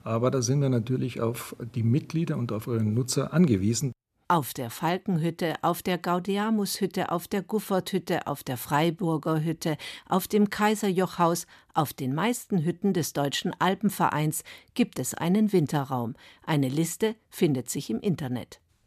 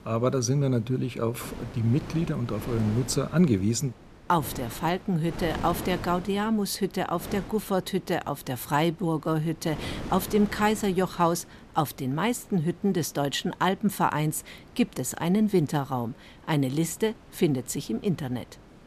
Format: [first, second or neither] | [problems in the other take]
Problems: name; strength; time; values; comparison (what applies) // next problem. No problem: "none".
first | wind noise on the microphone; occasional gusts; 15 dB below the speech